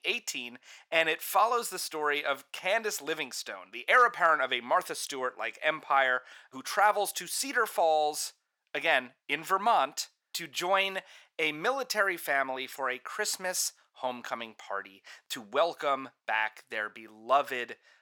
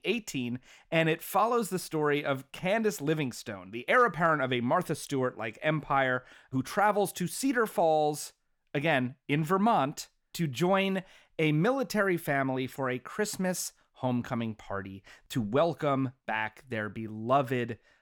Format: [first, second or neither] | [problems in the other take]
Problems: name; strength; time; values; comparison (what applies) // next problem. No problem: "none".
second | thin; very; fading below 700 Hz